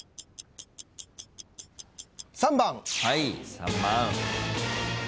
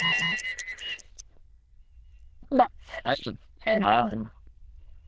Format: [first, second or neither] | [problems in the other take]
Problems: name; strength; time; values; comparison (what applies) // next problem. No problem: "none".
first | noise reduction (neural diffusion model UNIVERSE++)